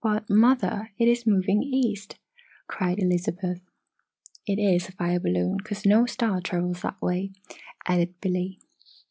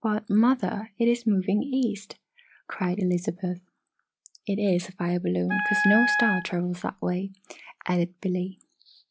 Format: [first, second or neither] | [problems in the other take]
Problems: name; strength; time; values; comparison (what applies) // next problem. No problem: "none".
first | background sound (Wind instrument, woodwind instrument); 1 dB below the speech